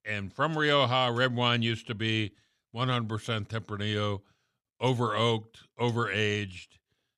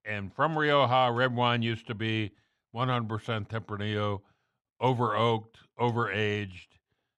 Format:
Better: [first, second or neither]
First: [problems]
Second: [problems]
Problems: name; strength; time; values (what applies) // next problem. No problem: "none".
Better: first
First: none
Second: muffled; slightly; fading above 3.5 kHz